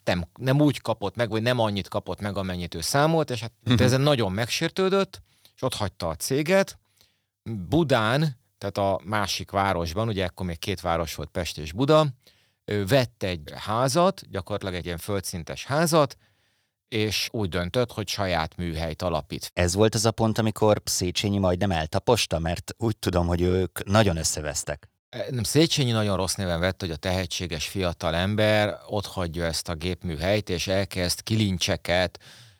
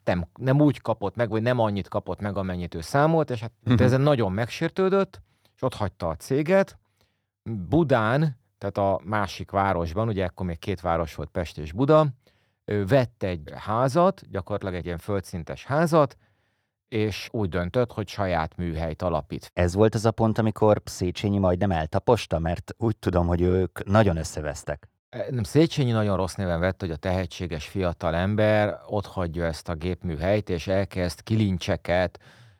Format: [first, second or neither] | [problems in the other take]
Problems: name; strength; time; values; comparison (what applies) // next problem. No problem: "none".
first | muffled; slightly; fading above 2.5 kHz